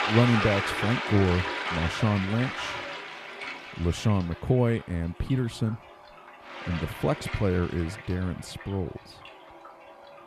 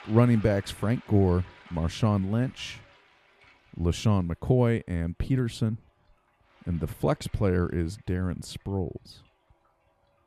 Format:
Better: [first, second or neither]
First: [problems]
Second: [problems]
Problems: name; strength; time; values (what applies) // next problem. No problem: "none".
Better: second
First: household noises; loud; throughout; 5 dB below the speech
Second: household noises; faint; throughout; 25 dB below the speech